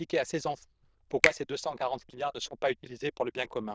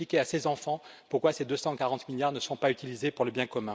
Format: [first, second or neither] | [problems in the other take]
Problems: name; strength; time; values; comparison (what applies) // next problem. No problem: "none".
second | noise reduction (neural diffusion model UNIVERSE++)